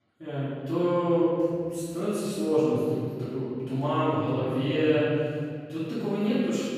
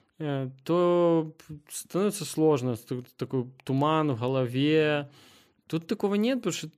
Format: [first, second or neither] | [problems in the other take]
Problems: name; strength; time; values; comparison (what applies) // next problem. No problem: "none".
second | off-mic speech; far // room echo; strong; dies away in 2.3 s